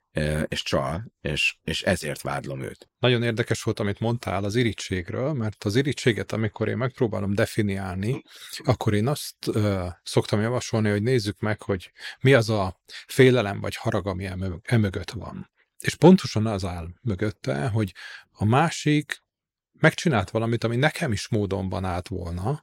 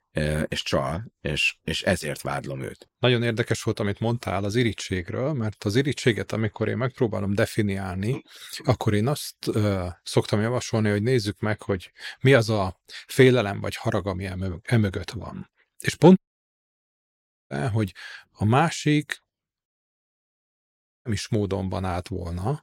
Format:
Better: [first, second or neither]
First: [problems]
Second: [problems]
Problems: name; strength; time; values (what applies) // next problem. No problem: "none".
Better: first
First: none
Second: audio cutting out; at 16 s for 1.5 s and at 20 s for 1.5 s